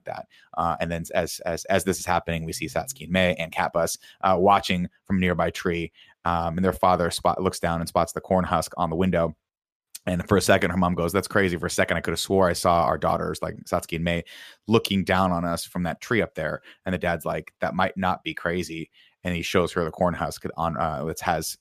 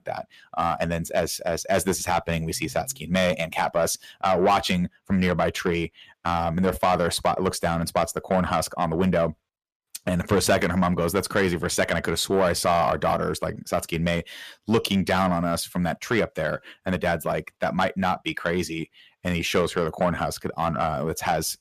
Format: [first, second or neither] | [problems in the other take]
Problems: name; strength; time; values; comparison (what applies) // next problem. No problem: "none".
first | distortion; slight; 10 dB below the speech